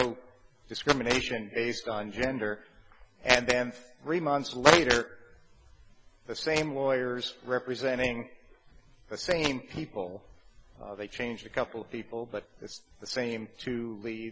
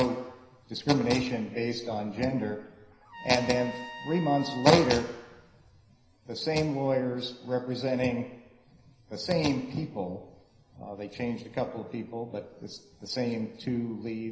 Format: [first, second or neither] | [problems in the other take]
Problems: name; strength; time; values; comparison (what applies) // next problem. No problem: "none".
first | background sound (Trumpet); 14 dB below the speech // room echo; dies away in 0.9 s